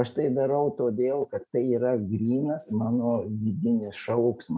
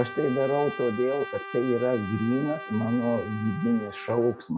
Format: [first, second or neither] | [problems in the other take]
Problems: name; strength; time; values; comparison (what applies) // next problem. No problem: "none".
first | background sound (Trumpet); 13 dB below the speech